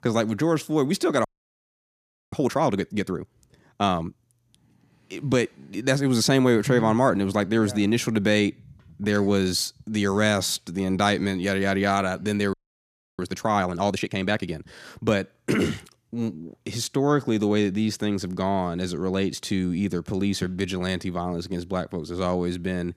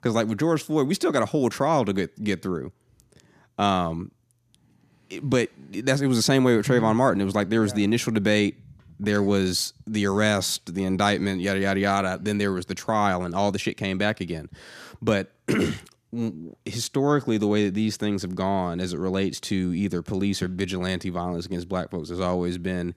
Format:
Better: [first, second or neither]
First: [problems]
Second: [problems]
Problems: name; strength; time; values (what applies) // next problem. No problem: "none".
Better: second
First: audio freezing; at 1.5 s for 1 s and at 13 s for 0.5 s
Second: none